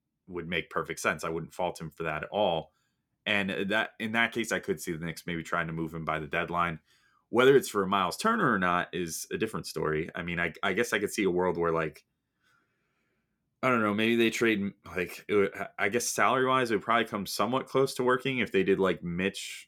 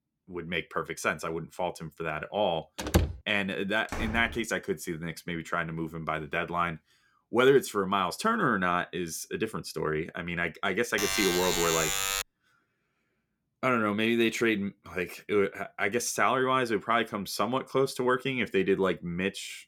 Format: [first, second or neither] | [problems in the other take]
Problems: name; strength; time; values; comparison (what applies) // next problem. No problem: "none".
first | door banging; loud; at 3 s; peak 1 dB above the speech // door banging; noticeable; at 4 s; peak 8 dB below the speech // alarm; loud; from 11 to 12 s; peak 2 dB above the speech